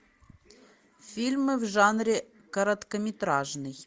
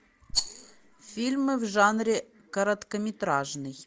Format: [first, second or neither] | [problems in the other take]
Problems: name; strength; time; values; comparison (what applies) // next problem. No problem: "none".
first | background sound (Rattle); 5 dB below the speech